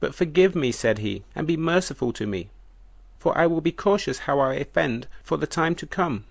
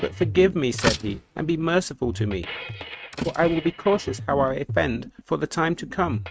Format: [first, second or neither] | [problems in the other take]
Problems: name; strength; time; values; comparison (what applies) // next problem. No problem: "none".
first | noise reduction (neural mask model RNNoise)